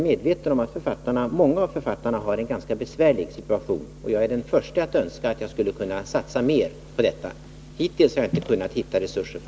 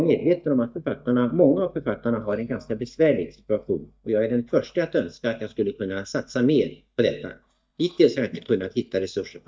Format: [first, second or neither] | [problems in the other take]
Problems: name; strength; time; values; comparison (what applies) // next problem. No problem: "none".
first | noise reduction (neural mask model DeepFilterNet 3)